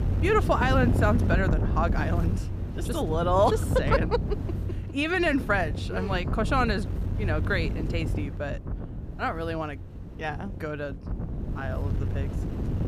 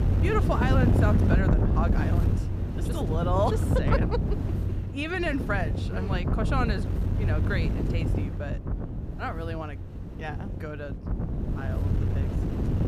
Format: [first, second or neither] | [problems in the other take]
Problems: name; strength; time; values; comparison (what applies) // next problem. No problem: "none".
first | wind noise on the microphone; heavy; 5 dB below the speech; occasional gusts in the first